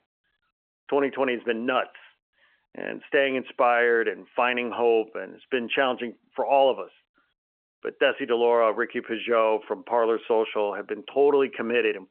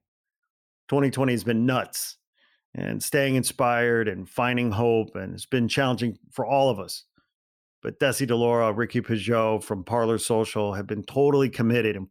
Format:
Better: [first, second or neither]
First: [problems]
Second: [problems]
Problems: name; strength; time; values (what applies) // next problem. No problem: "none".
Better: second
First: phone-call audio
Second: none